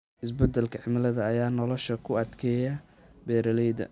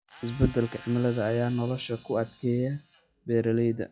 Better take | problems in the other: first | noise reduction (classical method log-MMSE)

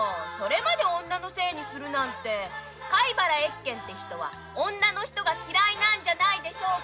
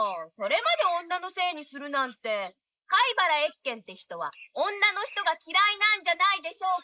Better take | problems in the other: first | noise reduction (neural mask model Resemble Enhance denoiser)

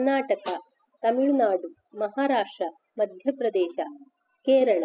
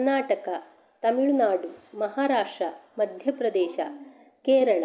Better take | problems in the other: second | noise reduction (classical method spectral subtraction)

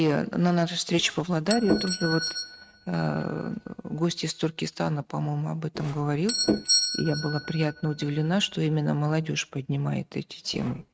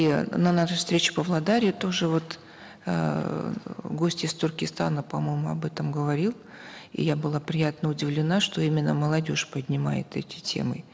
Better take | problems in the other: second | noise reduction (neural mask model RNNoise)

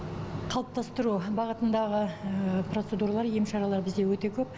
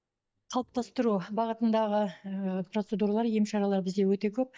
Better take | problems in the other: first | noise reduction (neural mask model DeepFilterNet 3)

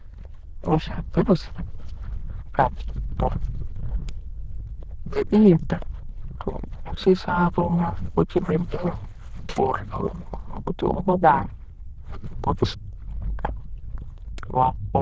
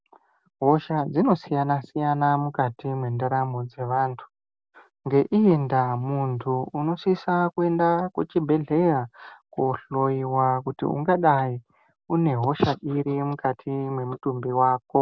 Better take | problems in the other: second | noise reduction (neural diffusion model UNIVERSE++)

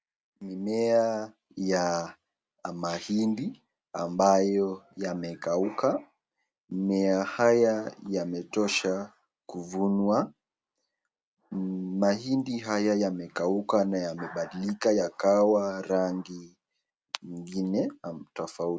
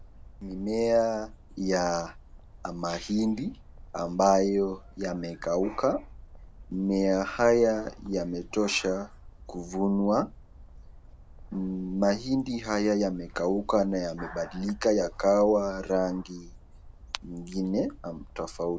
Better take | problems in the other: first | background sound (Bird); 19 dB below the speech

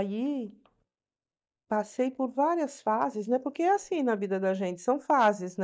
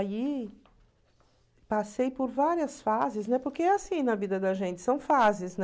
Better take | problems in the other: second | noise reduction (neural mask model DeepFilterNet 3)

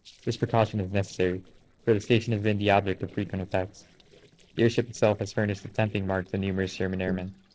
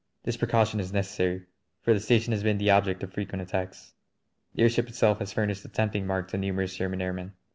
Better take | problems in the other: second | noise reduction (neural separator model SepFormer DNS4)

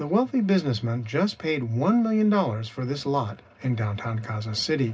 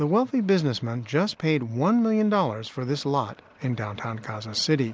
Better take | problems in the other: second | room echo; dies away in 0.4 s

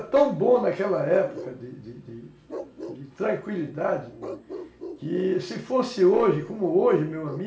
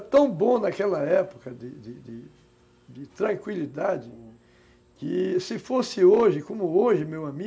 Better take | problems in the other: second | background sound (Bark); 16 dB below the speech // room echo; dies away in 0.5 s

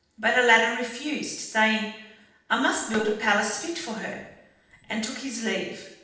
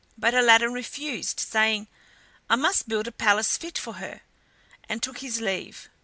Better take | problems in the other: second | noise reduction (neural separator model SepFormer DNS4)

